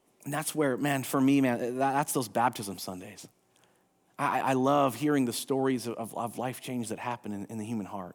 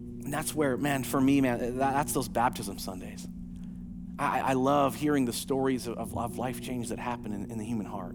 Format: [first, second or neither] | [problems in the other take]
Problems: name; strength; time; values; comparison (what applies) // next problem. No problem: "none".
first | low rumble; noticeable; throughout; 20 dB below the speech